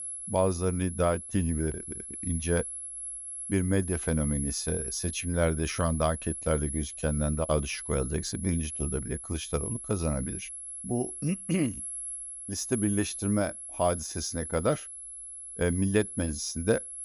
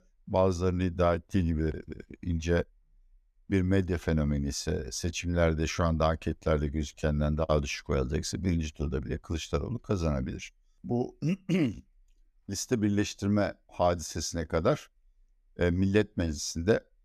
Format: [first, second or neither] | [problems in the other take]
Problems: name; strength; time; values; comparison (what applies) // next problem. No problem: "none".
second | high-pitched whine; loud; throughout; 11 kHz, 6 dB below the speech